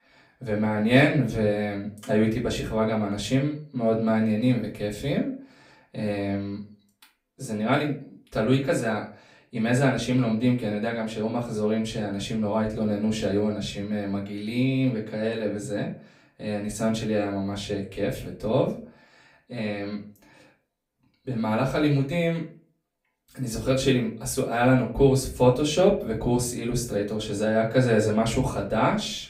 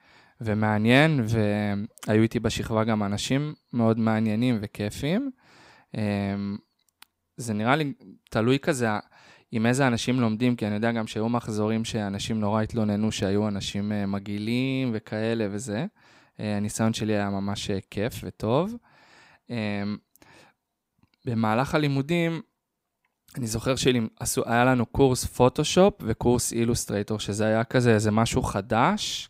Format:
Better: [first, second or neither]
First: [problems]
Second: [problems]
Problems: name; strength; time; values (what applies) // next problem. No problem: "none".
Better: second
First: off-mic speech; far // room echo; slight; dies away in 0.3 s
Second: none